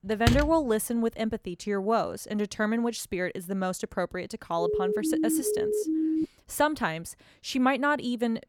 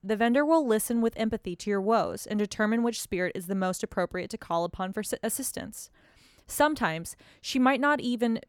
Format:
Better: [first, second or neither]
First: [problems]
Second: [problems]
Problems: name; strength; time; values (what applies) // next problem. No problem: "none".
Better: second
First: door banging; loud; at 0.5 s; peak 1 dB above the speech // siren; loud; from 4.5 to 6.5 s; peak 2 dB above the speech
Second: none